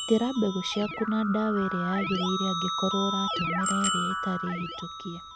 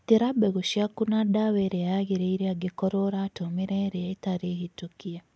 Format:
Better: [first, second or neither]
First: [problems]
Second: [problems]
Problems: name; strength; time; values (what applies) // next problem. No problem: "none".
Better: second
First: background sound (Keyboard (musical) + Bicycle bell); 3 dB below the speech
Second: none